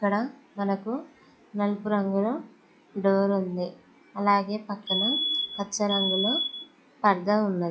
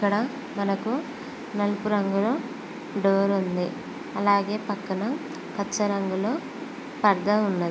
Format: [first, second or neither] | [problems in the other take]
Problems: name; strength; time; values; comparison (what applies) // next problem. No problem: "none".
second | noise reduction (classical method log-MMSE)